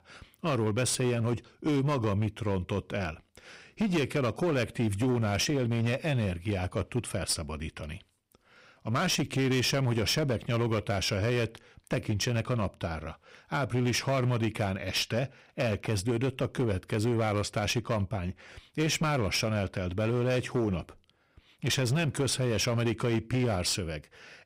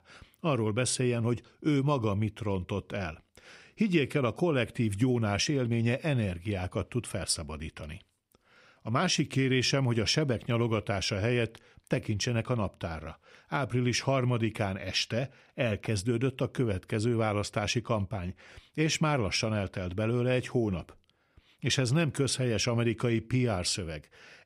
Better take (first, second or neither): second